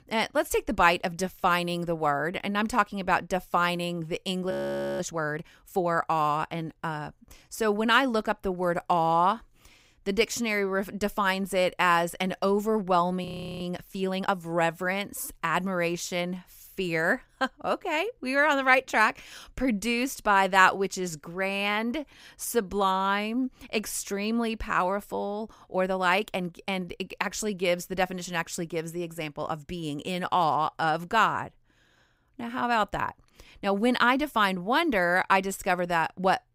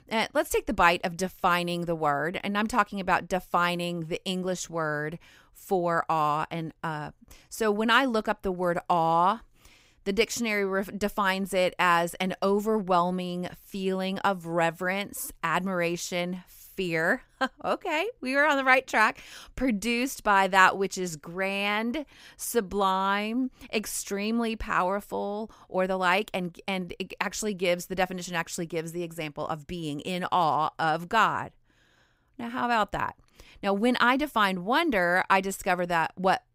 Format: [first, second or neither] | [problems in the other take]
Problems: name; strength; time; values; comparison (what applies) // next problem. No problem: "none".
second | audio freezing; at 4.5 s and at 13 s